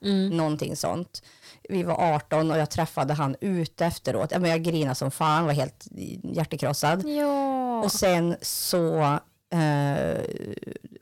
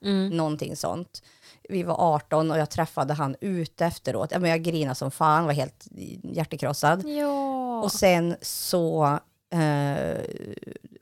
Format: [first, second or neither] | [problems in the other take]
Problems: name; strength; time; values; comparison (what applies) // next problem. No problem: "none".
second | distortion; slight; 10 dB below the speech